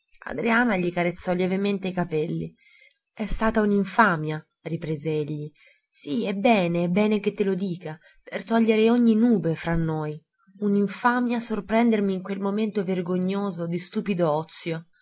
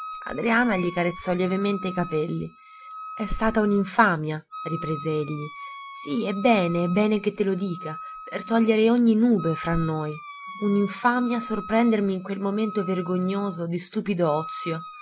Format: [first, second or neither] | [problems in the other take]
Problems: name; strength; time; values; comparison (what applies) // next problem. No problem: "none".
first | background sound (Wind instrument, woodwind instrument); 14 dB below the speech